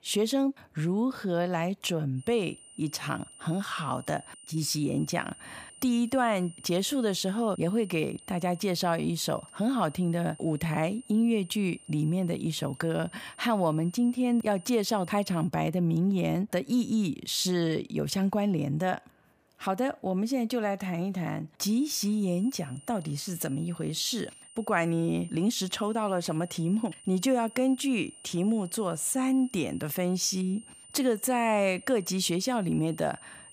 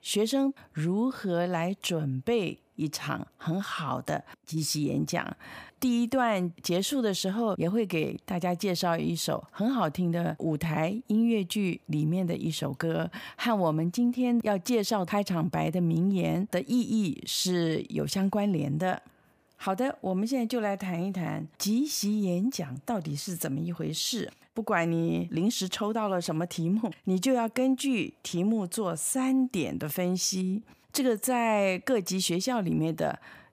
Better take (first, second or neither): second